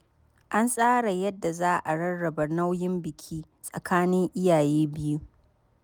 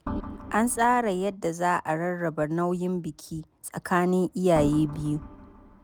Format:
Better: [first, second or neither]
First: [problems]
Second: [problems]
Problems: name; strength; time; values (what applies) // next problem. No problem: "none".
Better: first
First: none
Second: background sound (Organ); 11 dB below the speech